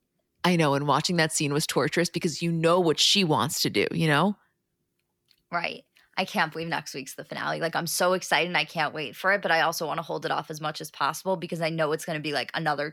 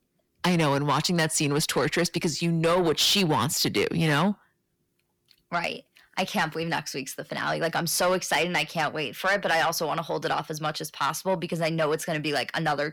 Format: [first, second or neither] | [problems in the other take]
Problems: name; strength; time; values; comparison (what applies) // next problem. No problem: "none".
first | distortion; slight; 10 dB below the speech